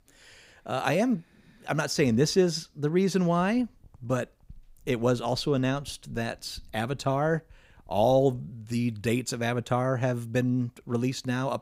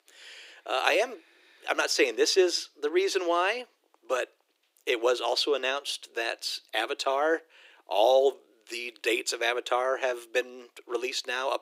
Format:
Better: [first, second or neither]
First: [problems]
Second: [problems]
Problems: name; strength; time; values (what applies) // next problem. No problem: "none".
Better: first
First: none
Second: thin; very; fading below 300 Hz